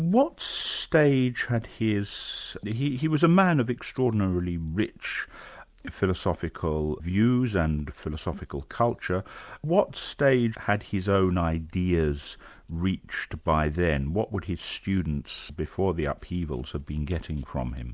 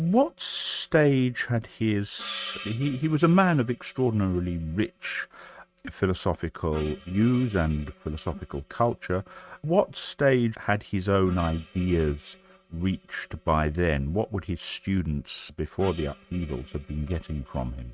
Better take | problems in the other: first | noise reduction (neural mask model RNNoise)

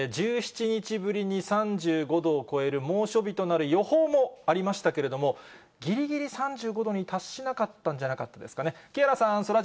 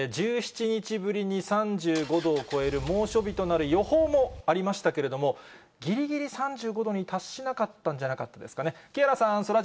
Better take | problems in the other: first | background sound (Engine); 14 dB below the speech

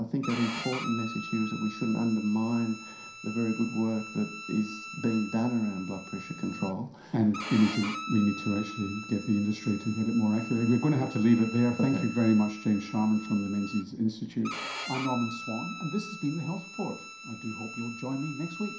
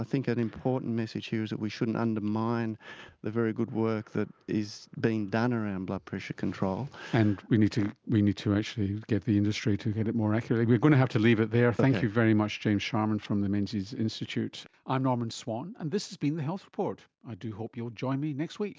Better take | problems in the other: second | background sound (Bowed string instrument); 12 dB below the speech // room echo; dies away in 0.5 s

